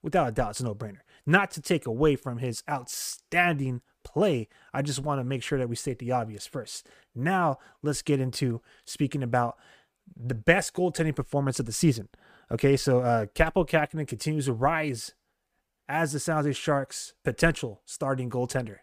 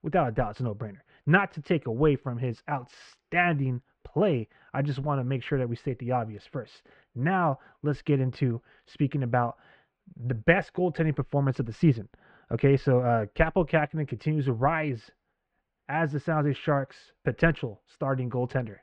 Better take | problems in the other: first | muffled; very; fading above 2.5 kHz

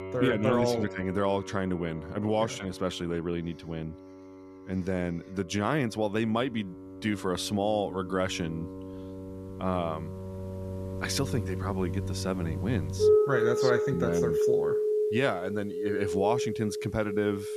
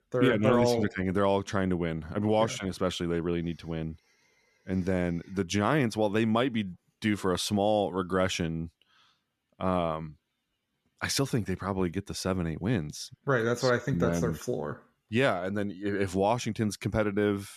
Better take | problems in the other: second | background music; loud; throughout; 1 dB below the speech

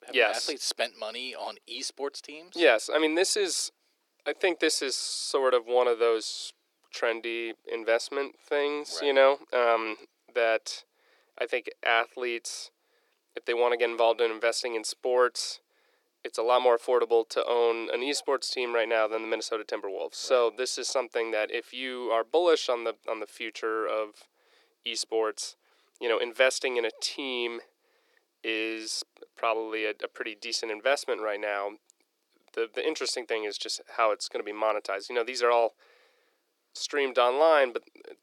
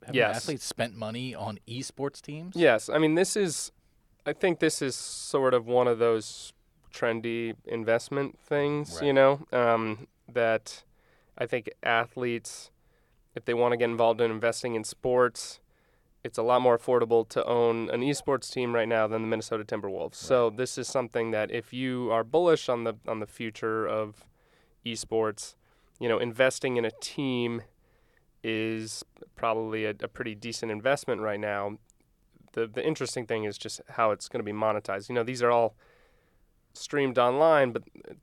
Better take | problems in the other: second | thin; somewhat; fading below 350 Hz

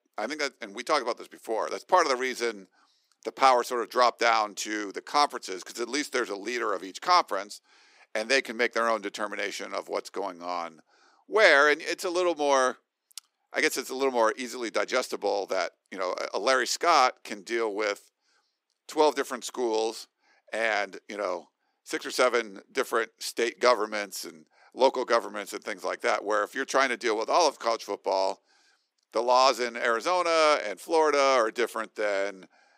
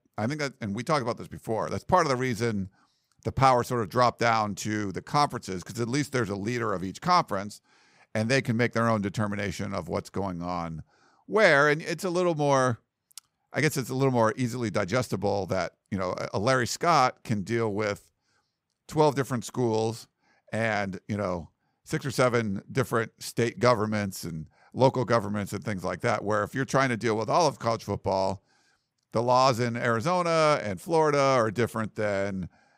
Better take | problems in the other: second | thin; somewhat; fading below 300 Hz

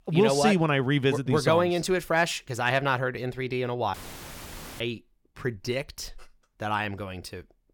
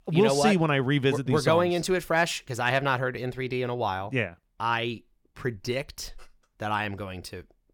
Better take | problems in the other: second | audio cutting out; filled with static; at 4 s for 1 s

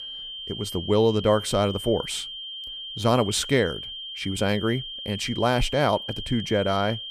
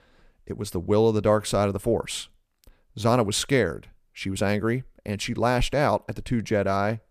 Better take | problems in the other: second | high-pitched whine; loud; throughout; 3 kHz, 9 dB below the speech

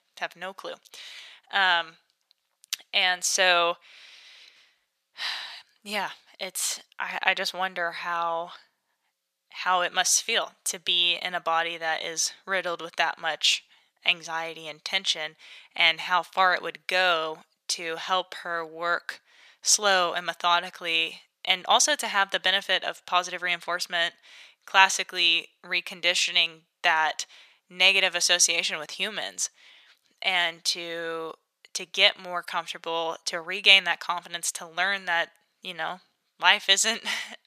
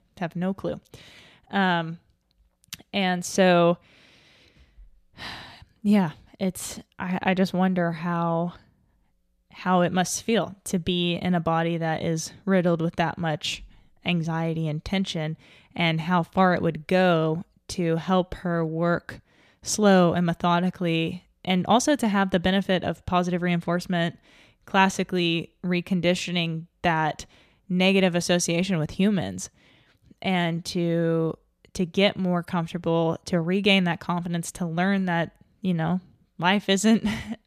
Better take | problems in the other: second | thin; very; fading below 950 Hz

